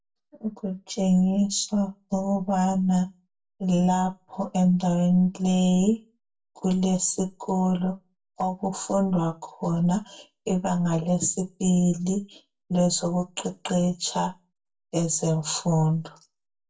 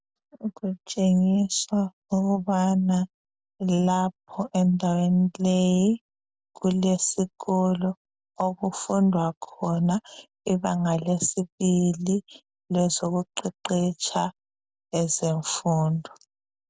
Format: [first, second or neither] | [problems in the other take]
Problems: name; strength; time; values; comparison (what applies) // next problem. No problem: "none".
second | room echo; dies away in 0.2 s